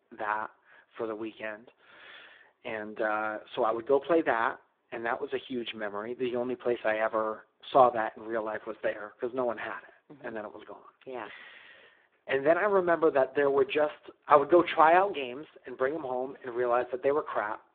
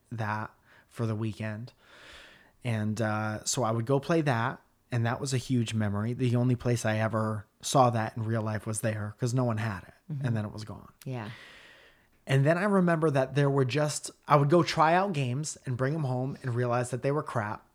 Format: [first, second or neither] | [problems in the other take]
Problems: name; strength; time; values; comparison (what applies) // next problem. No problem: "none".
second | phone-call audio; poor line; nothing above 3.5 kHz